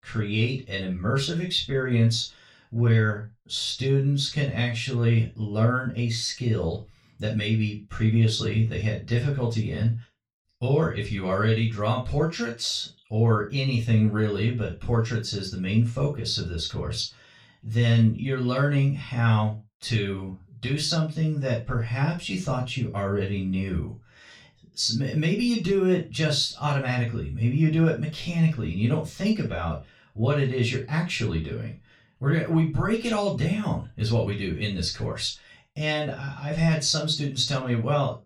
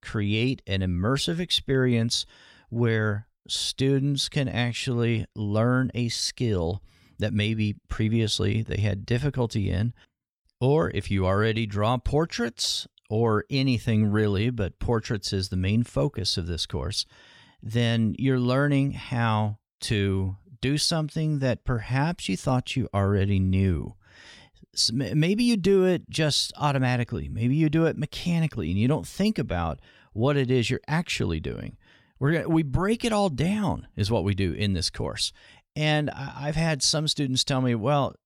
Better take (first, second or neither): second